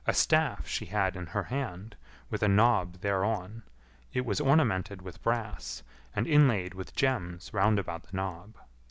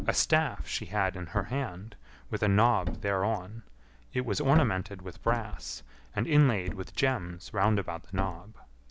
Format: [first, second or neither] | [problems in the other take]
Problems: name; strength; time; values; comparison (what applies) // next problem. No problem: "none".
first | background sound (Thump, thud); 11 dB below the speech